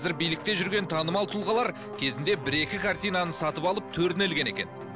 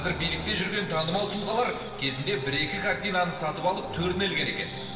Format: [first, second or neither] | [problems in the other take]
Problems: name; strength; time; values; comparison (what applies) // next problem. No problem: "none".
first | background sound (Breathing); 14 dB below the speech // room echo; dies away in 1.4 s